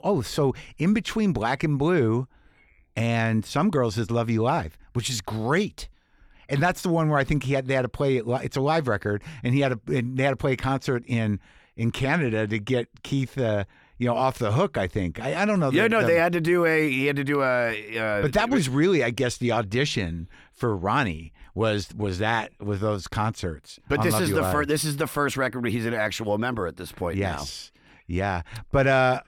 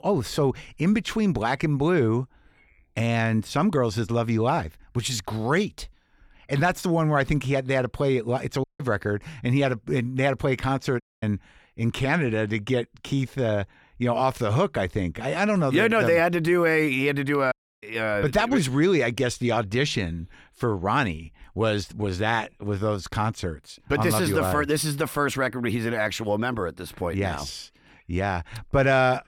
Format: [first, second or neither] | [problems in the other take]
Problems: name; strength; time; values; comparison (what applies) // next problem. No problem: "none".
first | audio cutting out; at 8.5 s, at 11 s and at 18 s